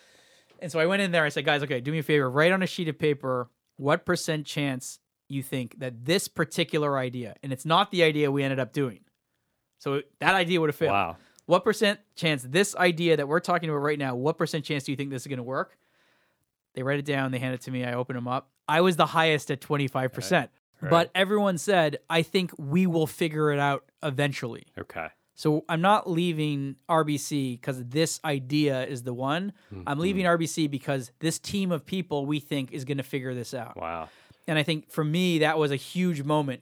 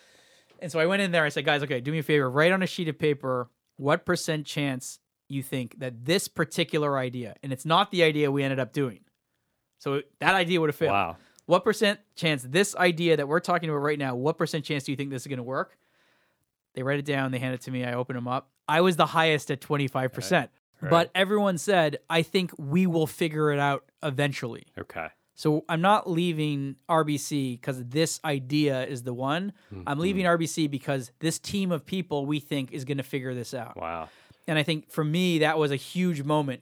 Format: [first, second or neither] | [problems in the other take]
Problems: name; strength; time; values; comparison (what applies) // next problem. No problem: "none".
neither | none